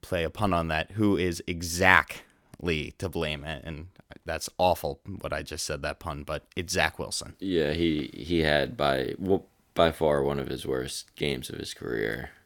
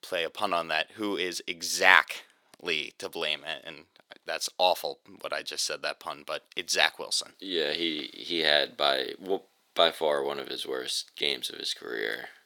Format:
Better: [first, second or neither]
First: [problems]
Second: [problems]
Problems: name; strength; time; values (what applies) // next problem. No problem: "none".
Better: first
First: none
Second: thin; somewhat; fading below 450 Hz